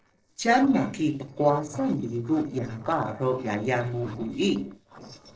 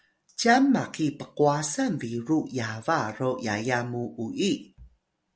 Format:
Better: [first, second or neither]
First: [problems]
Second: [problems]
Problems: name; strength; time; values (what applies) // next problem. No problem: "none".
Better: second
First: noise reduction (neural separator model SepFormer DNS4)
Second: none